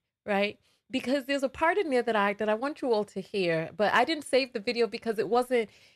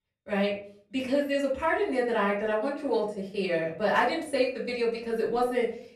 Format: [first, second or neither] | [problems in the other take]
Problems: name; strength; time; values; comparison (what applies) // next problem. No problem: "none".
first | room echo; slight; dies away in 0.4 s // off-mic speech; far